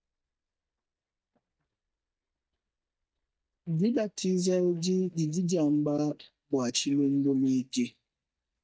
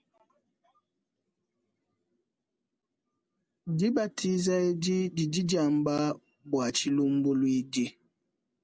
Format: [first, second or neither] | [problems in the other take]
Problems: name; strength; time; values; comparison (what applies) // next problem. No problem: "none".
second | noise reduction (neural mask model DeepFilterNet 3)